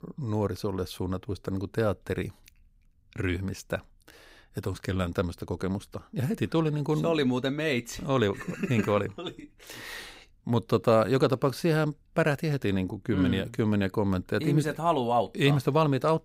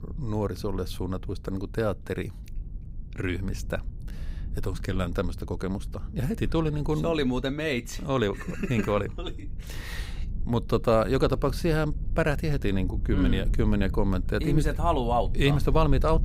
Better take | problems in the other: first | low rumble; faint; throughout; 20 dB below the speech

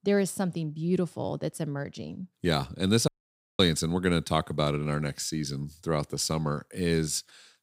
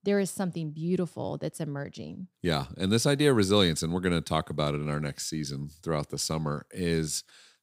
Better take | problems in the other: second | audio cutting out; at 3 s for 0.5 s

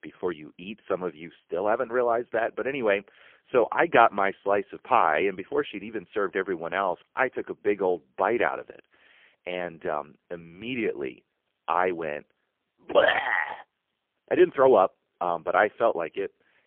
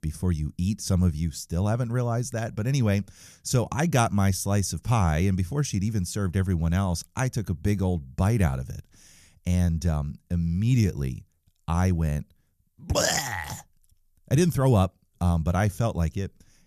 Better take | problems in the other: second | phone-call audio; poor line; nothing above 3.5 kHz

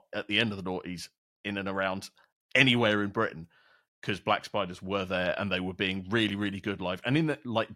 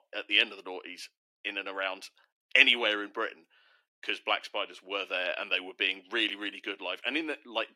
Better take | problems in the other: first | thin; somewhat; fading below 300 Hz

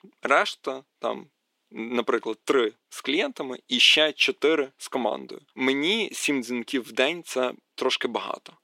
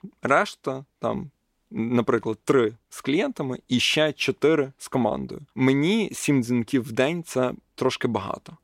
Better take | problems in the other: second | thin; very slightly; fading below 300 Hz

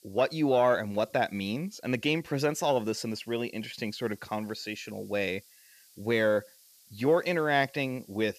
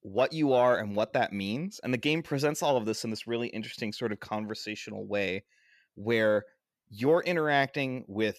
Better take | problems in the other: second | hiss; faint; throughout; 25 dB below the speech

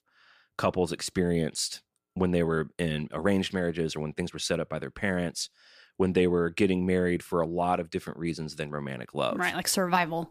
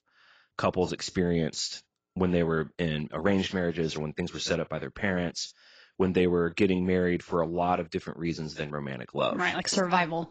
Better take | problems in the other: first | garbled, watery; badly; nothing above 7.5 kHz

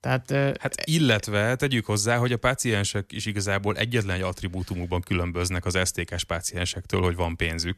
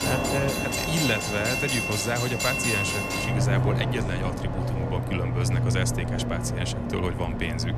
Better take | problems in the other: first | train or aircraft noise; very loud; throughout; 3 dB above the speech

